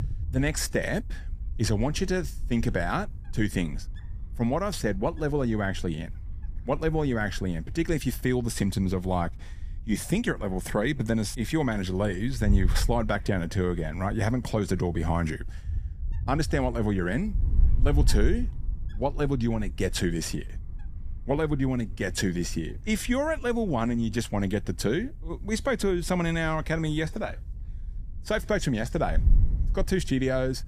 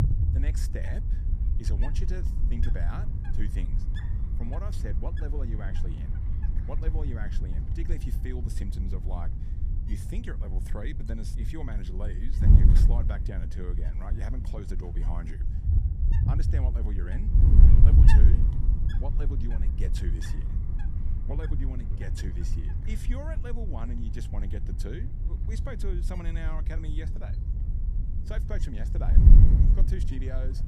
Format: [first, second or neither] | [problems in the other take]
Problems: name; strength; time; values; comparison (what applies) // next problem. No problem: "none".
first | wind noise on the microphone; heavy; as loud as the speech; occasional gusts in the first